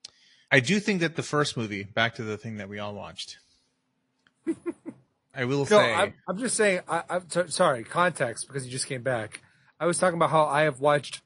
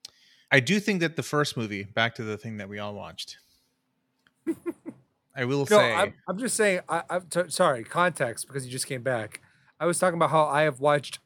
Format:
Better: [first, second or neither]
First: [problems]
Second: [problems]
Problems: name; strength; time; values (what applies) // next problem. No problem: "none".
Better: second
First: garbled, watery; slightly; nothing above 10.5 kHz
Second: none